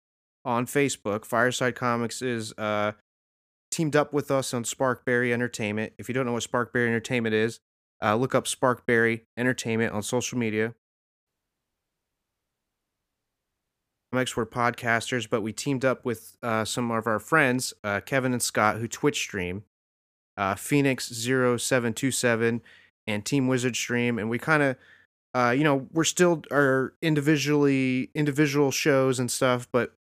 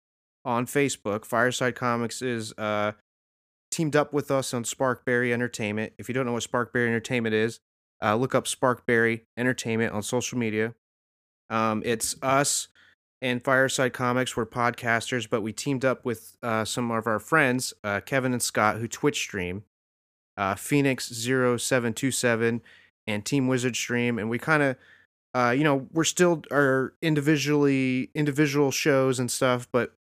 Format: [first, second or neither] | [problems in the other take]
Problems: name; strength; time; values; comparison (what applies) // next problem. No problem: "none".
second | audio cutting out; at 11 s for 3 s